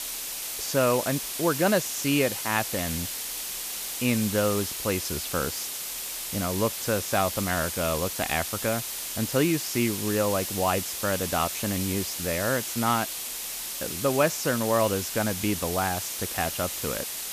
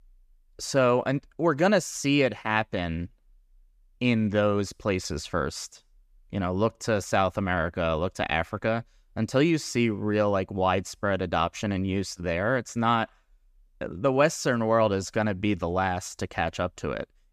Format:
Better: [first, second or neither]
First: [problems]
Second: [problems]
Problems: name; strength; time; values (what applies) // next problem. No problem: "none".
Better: second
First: hiss; loud; throughout; 3 dB below the speech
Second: none